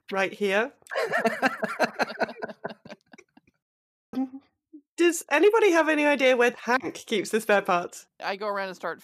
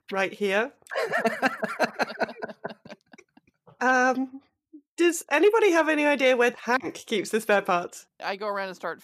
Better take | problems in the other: second | audio cutting out; at 3.5 s for 0.5 s

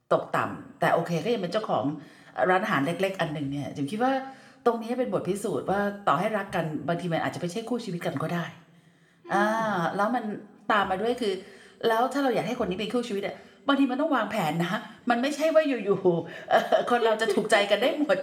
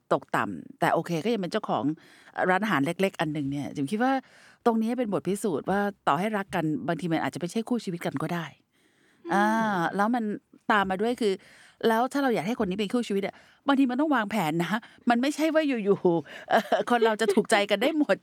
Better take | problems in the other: second | room echo; slight; dies away in 0.7 s

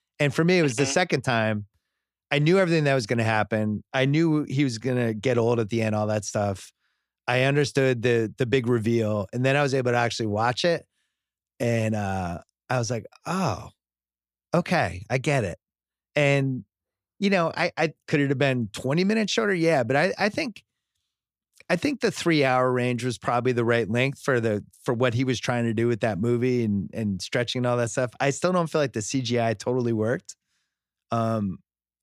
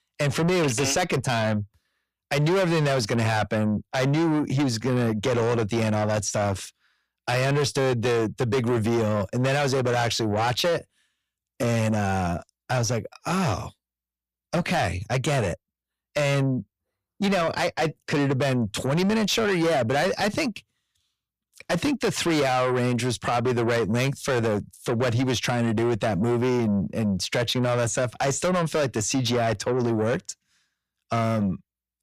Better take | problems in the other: first | distortion; heavy; 7 dB below the speech

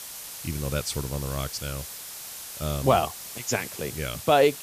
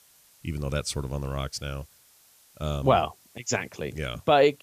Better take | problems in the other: second | hiss; loud; throughout; 9 dB below the speech; faint in the second

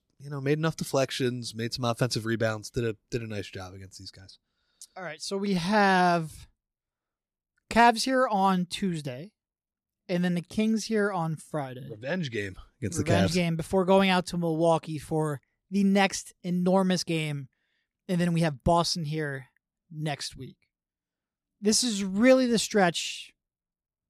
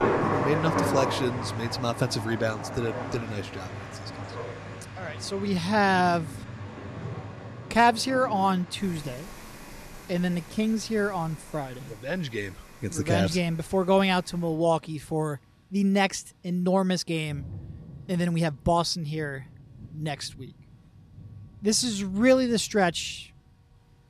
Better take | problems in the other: first | rain or running water; loud; throughout; 9 dB below the speech

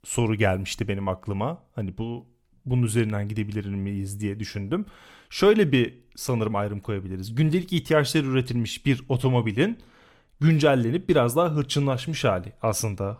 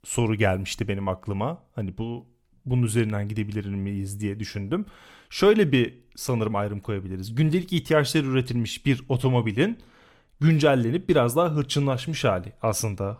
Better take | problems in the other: neither | none

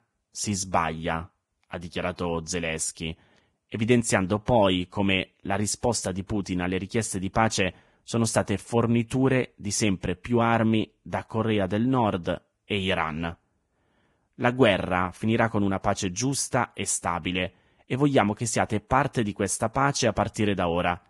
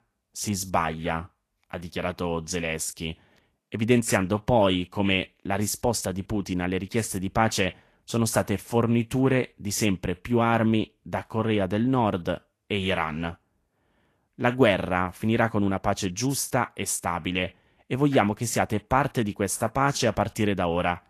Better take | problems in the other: second | garbled, watery; badly; nothing above 10.5 kHz; slightly in the second

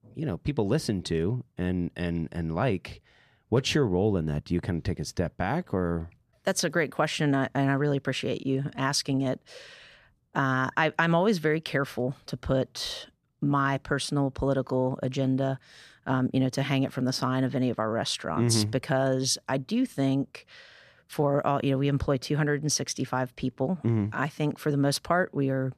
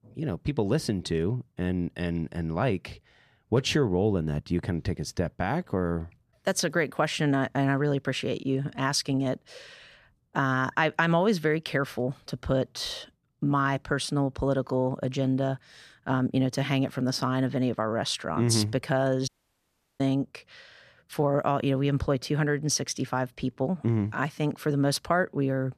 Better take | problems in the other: first | audio cutting out; at 19 s for 0.5 s

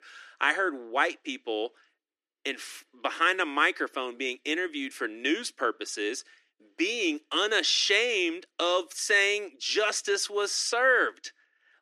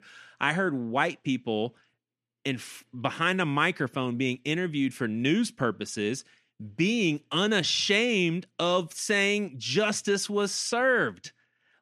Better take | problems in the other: second | thin; very; fading below 300 Hz

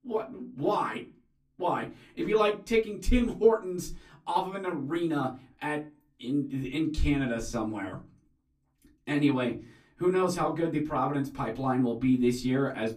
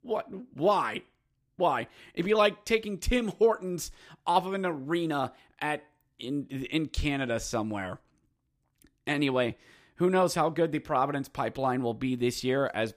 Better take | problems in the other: second | off-mic speech; far // room echo; very slight; dies away in 0.3 s

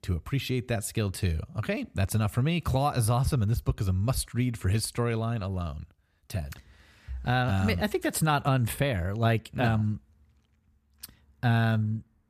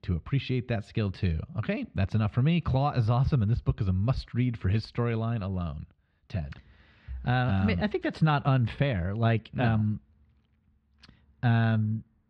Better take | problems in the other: first | muffled; very slightly; fading above 4 kHz

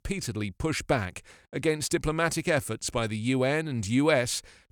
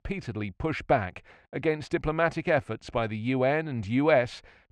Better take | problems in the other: first | muffled; very; fading above 2.5 kHz

